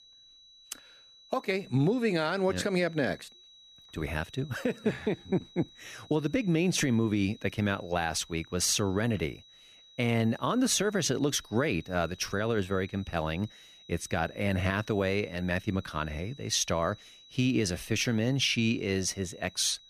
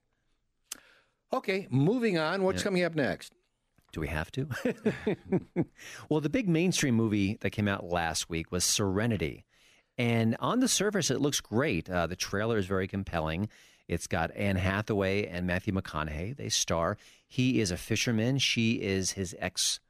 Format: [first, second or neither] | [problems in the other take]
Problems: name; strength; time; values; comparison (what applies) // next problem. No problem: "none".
second | high-pitched whine; faint; throughout; 4 kHz, 25 dB below the speech